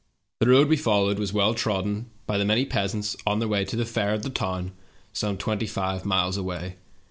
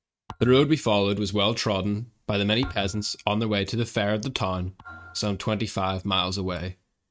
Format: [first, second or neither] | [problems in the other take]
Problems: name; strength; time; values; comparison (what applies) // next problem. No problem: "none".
first | noise reduction (neural mask model RNNoise)